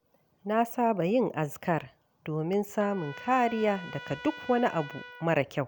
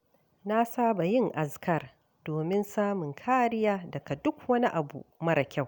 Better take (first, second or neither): second